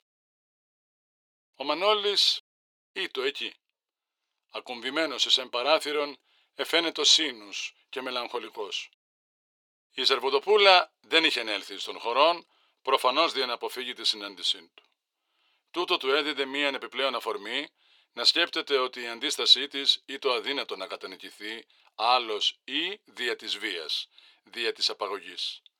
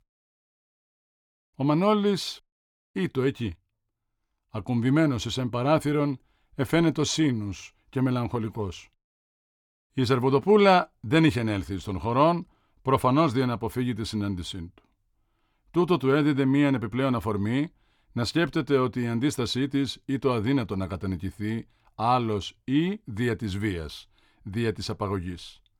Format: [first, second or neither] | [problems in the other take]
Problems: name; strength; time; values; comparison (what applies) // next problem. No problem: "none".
second | thin; very; fading below 450 Hz